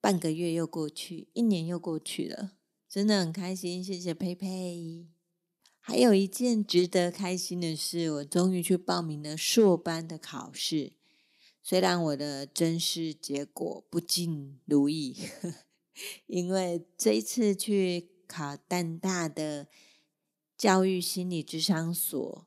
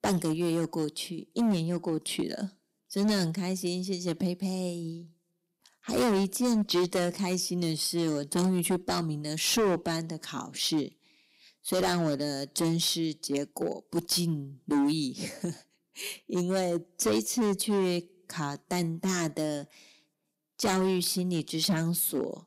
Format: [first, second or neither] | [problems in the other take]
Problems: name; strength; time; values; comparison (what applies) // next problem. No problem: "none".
first | distortion; heavy; 8% of the sound clipped